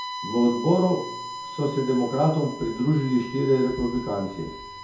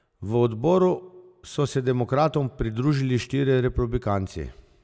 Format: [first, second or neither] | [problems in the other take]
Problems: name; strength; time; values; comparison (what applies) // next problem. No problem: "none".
second | background sound (Bowed string instrument); 13 dB below the speech // room echo; dies away in 0.6 s